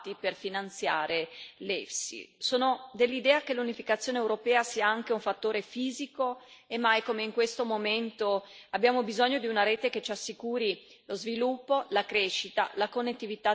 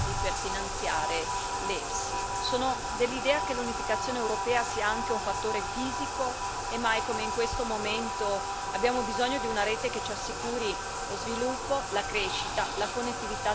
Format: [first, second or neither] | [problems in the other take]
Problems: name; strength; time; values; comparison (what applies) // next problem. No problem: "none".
first | background sound (Bathtub (filling or washing)); 1 dB below the speech